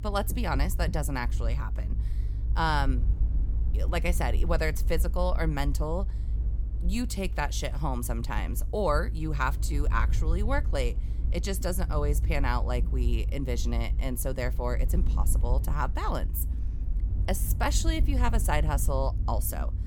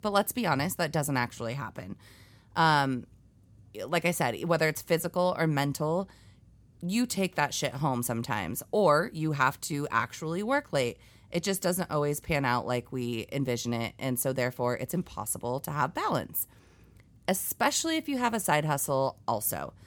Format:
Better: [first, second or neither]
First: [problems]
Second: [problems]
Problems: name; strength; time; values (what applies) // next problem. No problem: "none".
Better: second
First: low rumble; noticeable; throughout; 15 dB below the speech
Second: none